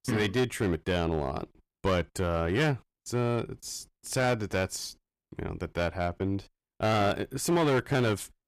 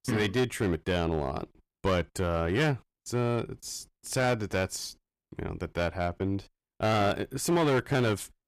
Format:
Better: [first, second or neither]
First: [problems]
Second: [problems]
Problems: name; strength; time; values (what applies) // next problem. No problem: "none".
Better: neither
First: distortion; slight; 7% of the sound clipped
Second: distortion; slight; 7% of the sound clipped